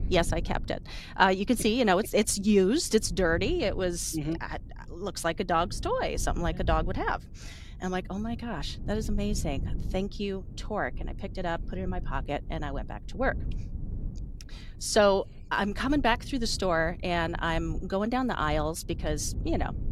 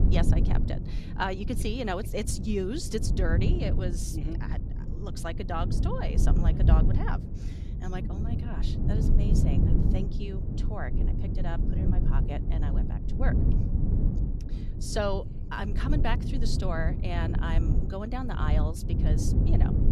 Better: first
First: low rumble; faint; throughout; 25 dB below the speech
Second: low rumble; loud; throughout; 5 dB below the speech

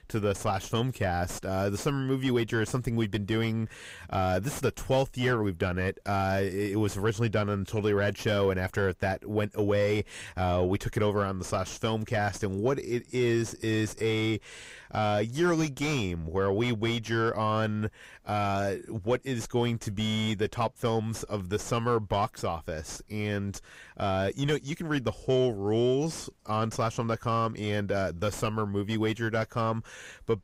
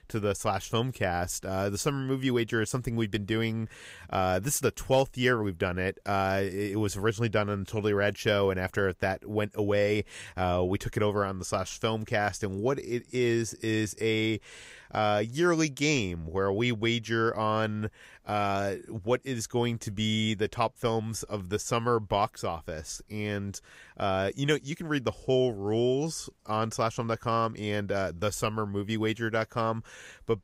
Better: second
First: distortion; slight; 9 dB below the speech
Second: none

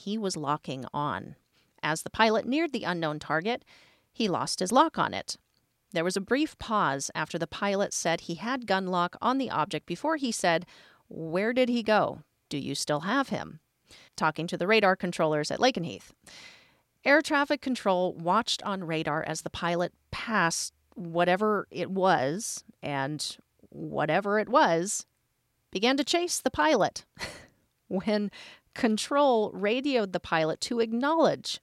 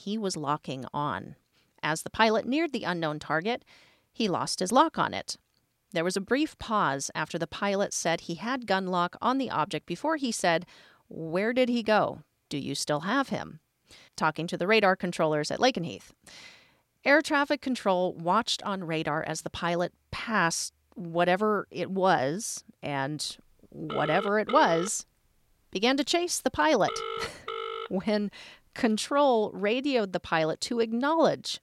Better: first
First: none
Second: phone ringing; noticeable; from 24 to 28 s; peak 6 dB below the speech

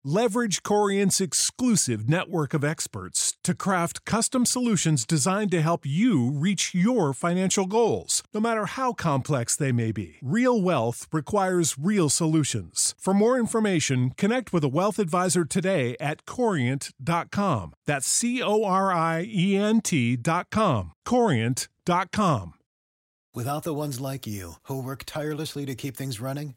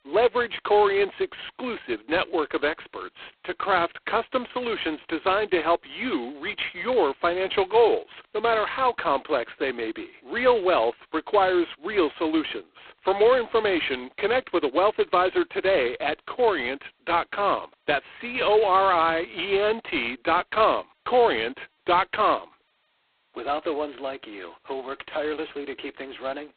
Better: first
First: none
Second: phone-call audio; poor line; nothing above 4 kHz

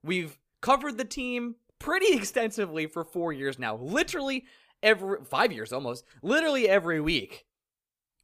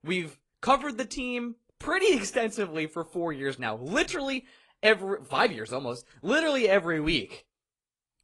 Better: first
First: none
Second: garbled, watery; slightly; nothing above 10.5 kHz

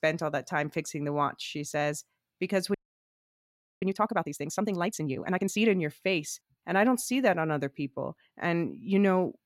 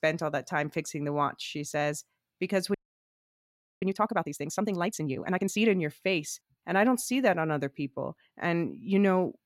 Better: neither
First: audio freezing; at 2.5 s for 1 s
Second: audio freezing; at 2.5 s for 1 s

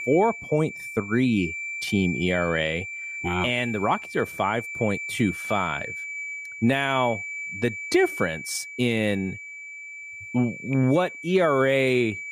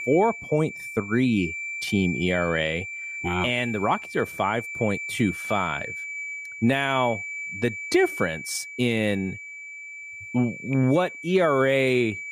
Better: neither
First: high-pitched whine; loud; throughout; 2.5 kHz, 8 dB below the speech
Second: high-pitched whine; loud; throughout; 2.5 kHz, 8 dB below the speech

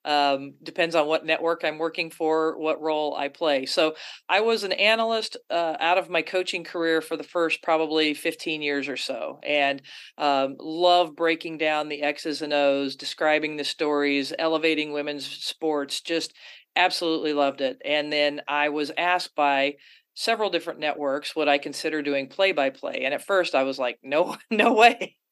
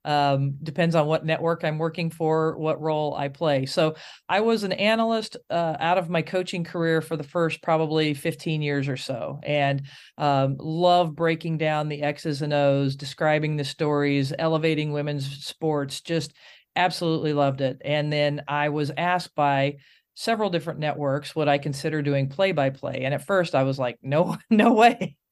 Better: second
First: thin; very slightly; fading below 300 Hz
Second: none

